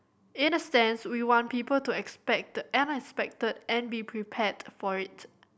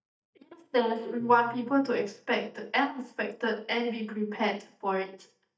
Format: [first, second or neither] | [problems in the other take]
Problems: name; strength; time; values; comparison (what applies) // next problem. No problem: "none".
first | noise reduction (neural mask model DeepFilterNet 3)